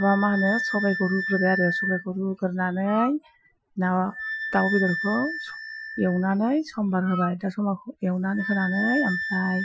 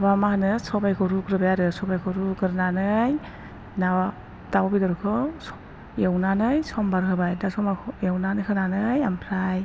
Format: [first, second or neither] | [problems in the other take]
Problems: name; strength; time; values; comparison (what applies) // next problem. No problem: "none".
second | noise reduction (classical method Wiener filter)